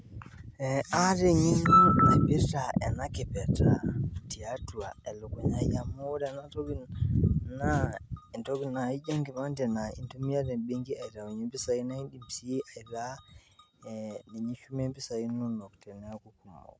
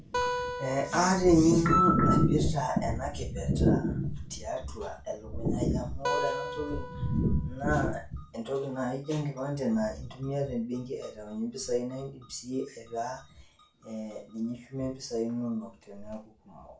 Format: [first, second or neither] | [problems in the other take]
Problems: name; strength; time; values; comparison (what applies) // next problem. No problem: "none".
first | background sound (Acoustic guitar); 7 dB below the speech // room echo; dies away in 0.3 s